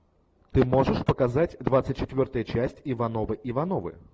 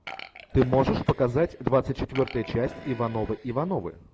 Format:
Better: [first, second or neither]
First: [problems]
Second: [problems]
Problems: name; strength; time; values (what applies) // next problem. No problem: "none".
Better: first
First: none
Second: background sound (Electric guitar + Burping, eructation); 18 dB below the speech